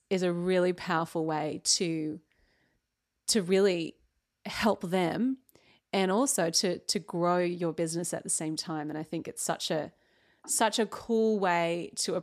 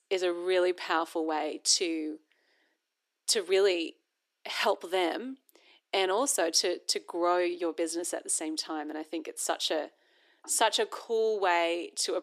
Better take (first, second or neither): first